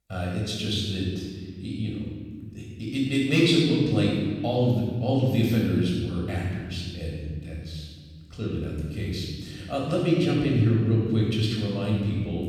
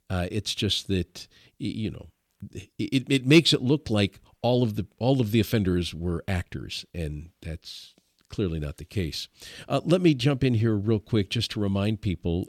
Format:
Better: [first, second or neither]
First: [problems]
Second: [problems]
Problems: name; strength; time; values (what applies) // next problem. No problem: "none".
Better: second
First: off-mic speech; far // room echo; strong; dies away in 1.8 s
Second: none